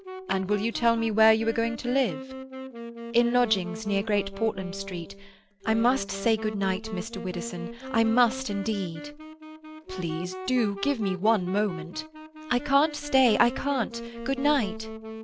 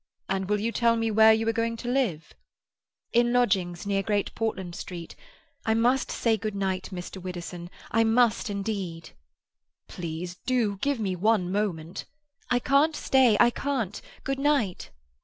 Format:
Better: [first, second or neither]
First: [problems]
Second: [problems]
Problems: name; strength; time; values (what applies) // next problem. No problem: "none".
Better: second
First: background sound (Wind instrument, woodwind instrument); 11 dB below the speech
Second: none